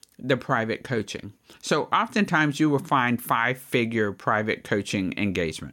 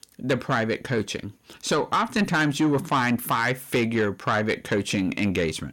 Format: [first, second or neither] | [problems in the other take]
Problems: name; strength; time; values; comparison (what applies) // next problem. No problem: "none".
first | distortion; slight; 10 dB below the speech